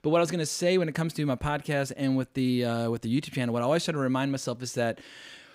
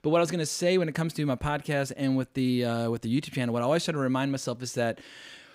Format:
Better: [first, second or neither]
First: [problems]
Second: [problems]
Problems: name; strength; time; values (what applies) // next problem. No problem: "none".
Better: neither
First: none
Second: none